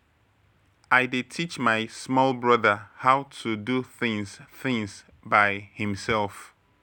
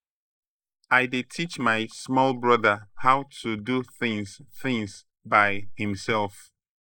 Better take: first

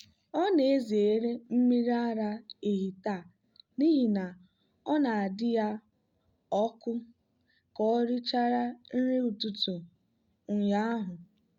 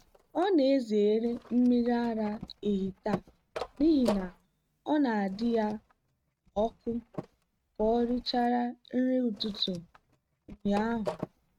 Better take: first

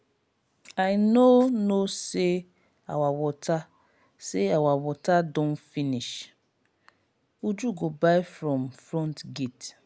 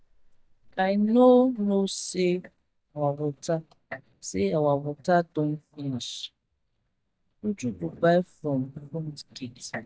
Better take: first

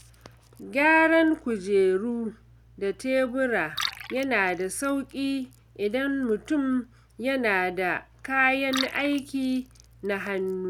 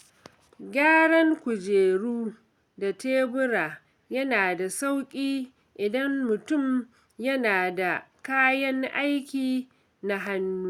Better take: second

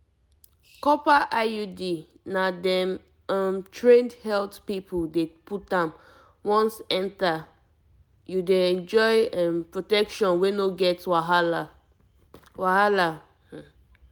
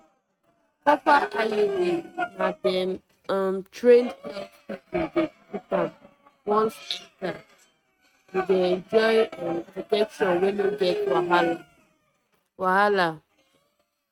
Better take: first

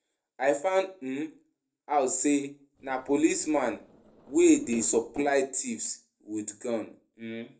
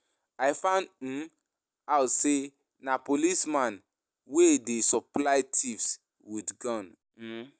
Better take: second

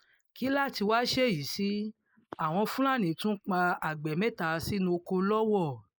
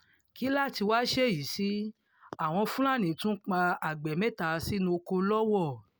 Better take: second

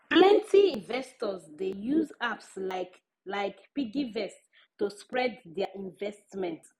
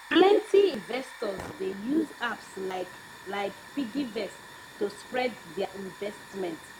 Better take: first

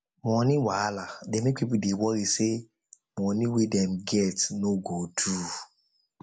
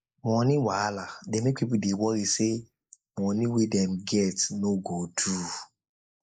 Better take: first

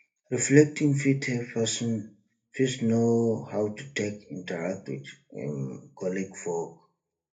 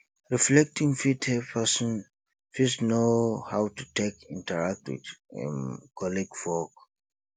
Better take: second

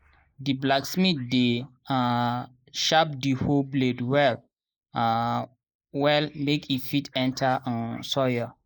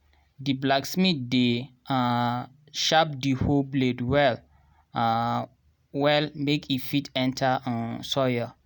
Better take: second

